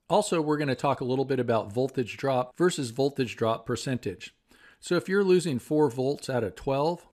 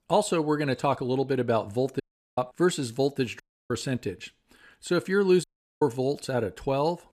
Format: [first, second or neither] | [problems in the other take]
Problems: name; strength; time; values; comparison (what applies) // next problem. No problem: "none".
first | audio cutting out; at 2 s, at 3.5 s and at 5.5 s